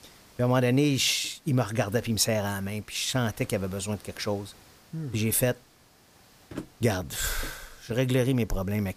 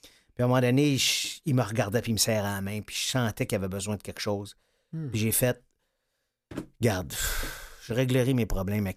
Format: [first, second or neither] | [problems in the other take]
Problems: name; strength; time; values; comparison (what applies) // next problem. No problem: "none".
second | hiss; faint; throughout; 25 dB below the speech